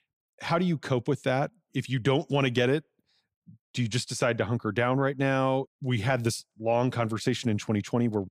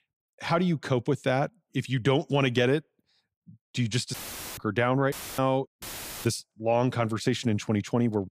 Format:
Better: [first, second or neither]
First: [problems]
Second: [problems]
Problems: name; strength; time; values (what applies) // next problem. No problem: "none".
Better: first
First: none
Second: audio cutting out; filled with static; at 4 s, at 5 s and at 6 s